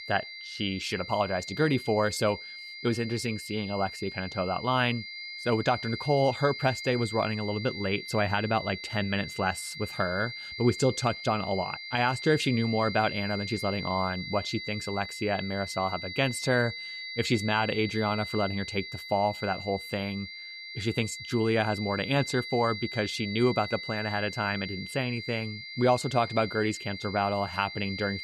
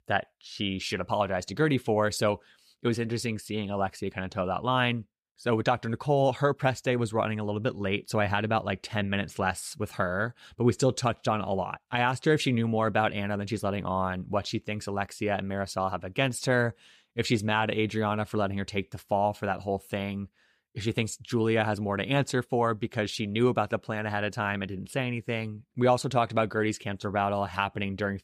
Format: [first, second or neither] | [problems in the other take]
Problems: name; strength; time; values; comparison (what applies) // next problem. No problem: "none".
second | high-pitched whine; loud; throughout; 2 kHz, 8 dB below the speech